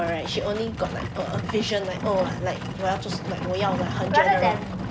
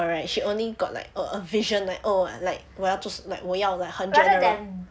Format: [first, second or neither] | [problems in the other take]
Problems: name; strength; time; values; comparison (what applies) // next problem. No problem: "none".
second | background sound (Livestock, farm animals, working animals); 5 dB below the speech